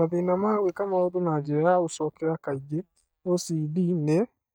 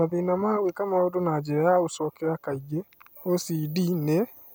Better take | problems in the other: second | noise reduction (neural mask model DeepFilterNet 3)

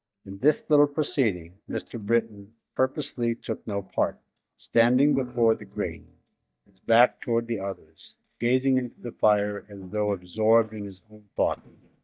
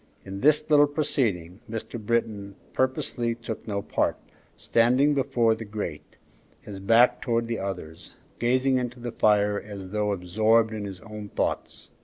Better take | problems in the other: second | noise reduction (neural mask model DeepFilterNet 3)

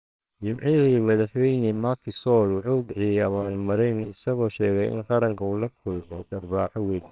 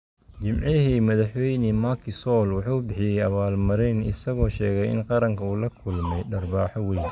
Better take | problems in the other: second | noise reduction (neural separator model SepFormer WHAMR!)

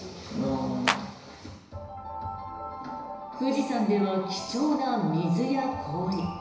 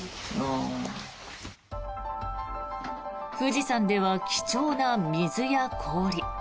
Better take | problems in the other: second | background sound (Clapping); 1 dB below the speech // room echo; dies away in 1 s

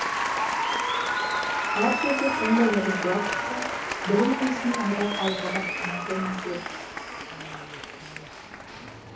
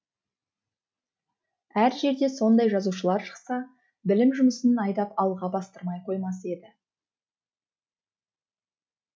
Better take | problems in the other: second | background sound (Applause); as loud as the speech // room echo; dies away in 0.8 s

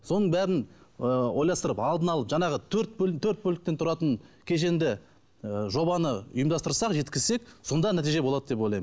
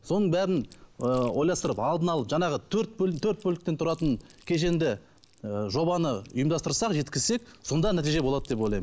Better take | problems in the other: first | background sound (Chewing, mastication); 17 dB below the speech

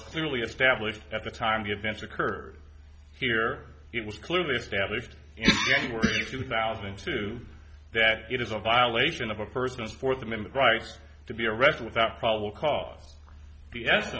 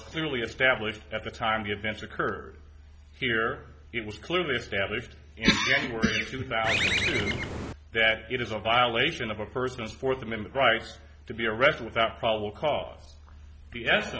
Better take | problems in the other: first | background sound (Bird); 1 dB above the speech

